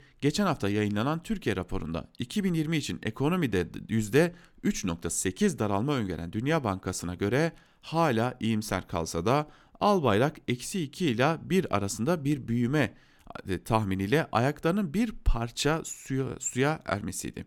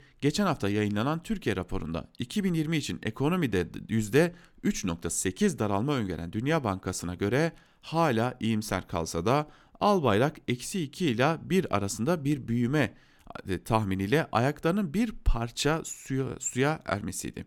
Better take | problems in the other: neither | none

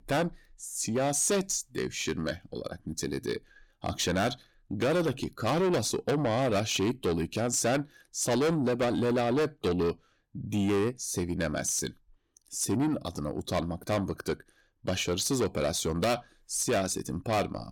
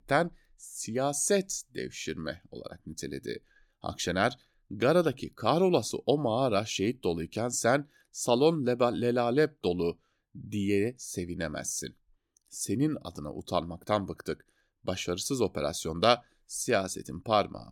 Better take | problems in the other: second | distortion; heavy; 6 dB below the speech

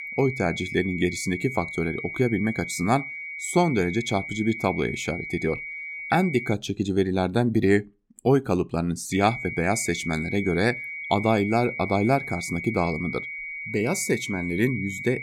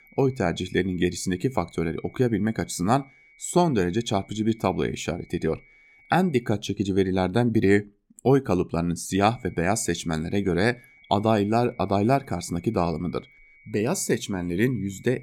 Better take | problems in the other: second | high-pitched whine; loud; until 6.5 s and from 9 s on; 2 kHz, 7 dB below the speech; faint in the second

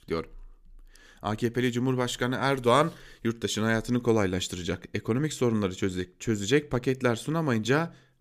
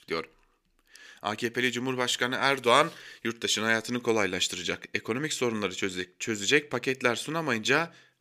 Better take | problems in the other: first | thin; very slightly; fading below 850 Hz

